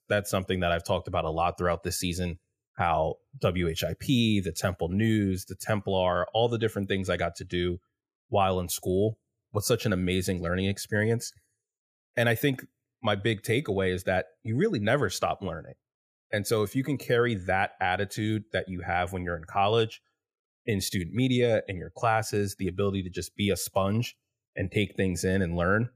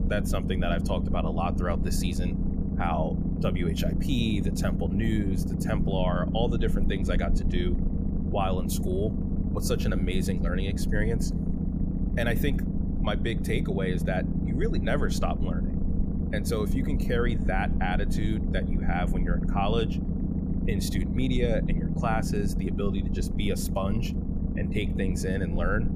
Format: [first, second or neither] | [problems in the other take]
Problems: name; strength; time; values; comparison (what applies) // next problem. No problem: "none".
first | low rumble; loud; throughout; 5 dB below the speech